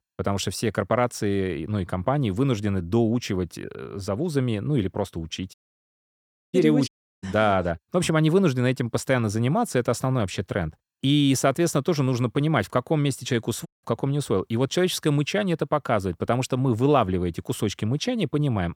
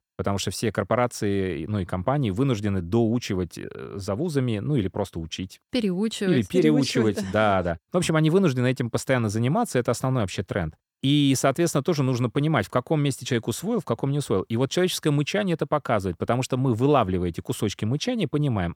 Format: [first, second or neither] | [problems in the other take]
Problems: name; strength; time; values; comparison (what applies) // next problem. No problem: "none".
second | audio cutting out; at 5.5 s for 1 s, at 7 s and at 14 s